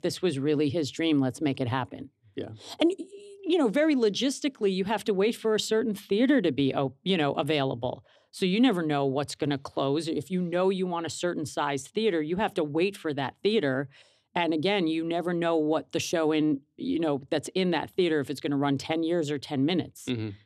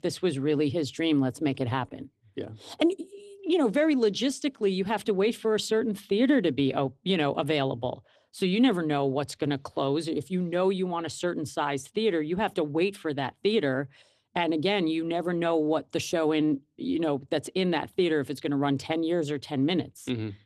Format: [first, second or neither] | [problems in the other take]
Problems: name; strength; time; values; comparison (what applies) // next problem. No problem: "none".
first | garbled, watery; slightly; nothing above 13.5 kHz